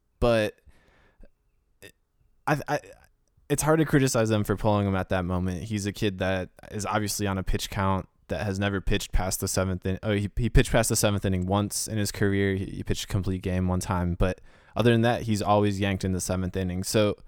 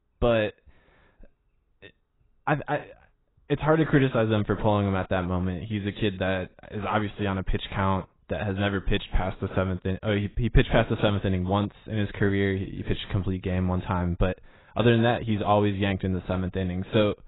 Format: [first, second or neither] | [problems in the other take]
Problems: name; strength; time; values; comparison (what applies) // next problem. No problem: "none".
first | garbled, watery; badly; nothing above 4 kHz